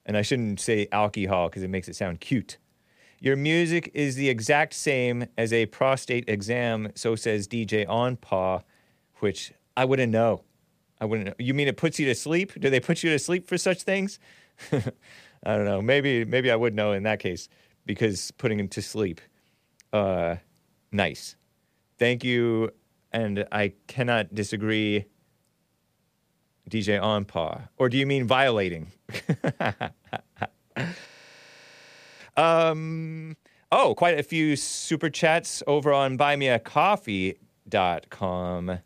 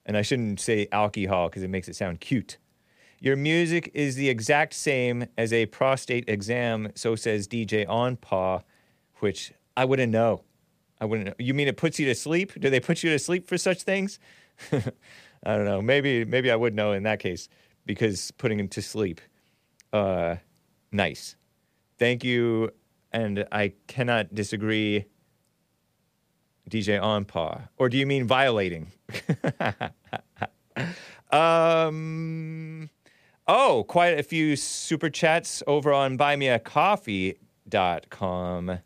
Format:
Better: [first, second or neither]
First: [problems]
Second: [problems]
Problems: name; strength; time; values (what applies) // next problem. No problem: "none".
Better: second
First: audio freezing; at 31 s for 1 s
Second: none